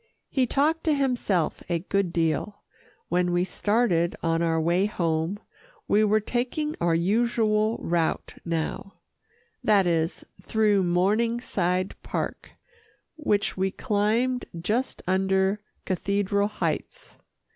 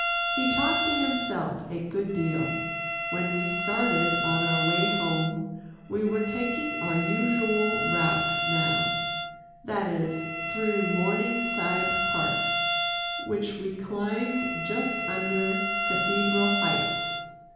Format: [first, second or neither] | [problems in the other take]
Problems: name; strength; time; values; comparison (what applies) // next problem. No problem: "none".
first | background sound (Bowed string instrument); as loud as the speech // room echo; dies away in 1 s